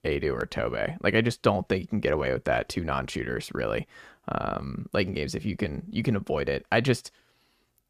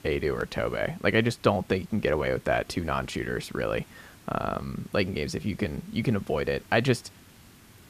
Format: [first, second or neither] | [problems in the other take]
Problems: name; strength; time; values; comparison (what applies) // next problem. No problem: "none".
first | hiss; faint; throughout; 25 dB below the speech